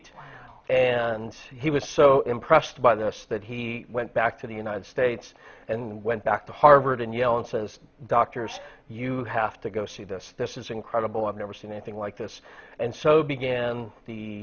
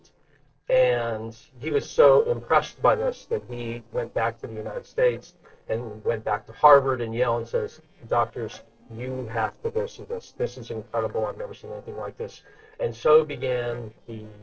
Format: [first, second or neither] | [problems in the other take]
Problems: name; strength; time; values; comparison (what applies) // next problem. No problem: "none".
first | noise reduction (neural separator model SepFormer DNS4)